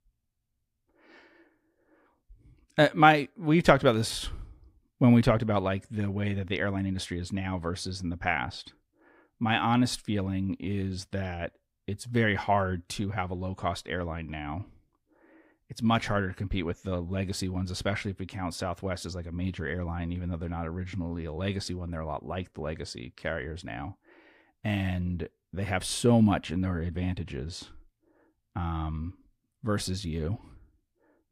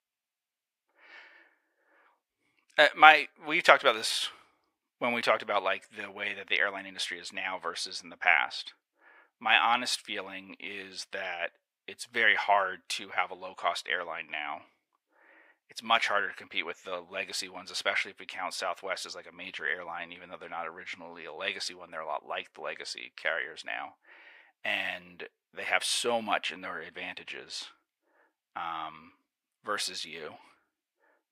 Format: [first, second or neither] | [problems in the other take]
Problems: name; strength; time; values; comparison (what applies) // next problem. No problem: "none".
first | thin; very; fading below 700 Hz